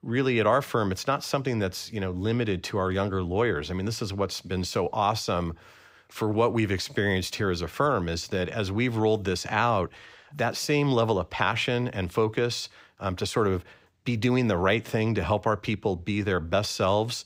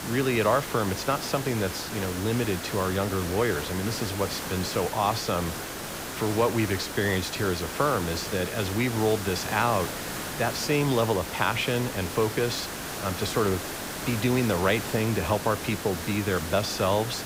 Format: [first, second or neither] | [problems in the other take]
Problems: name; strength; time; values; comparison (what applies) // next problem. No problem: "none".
first | hiss; loud; throughout; 6 dB below the speech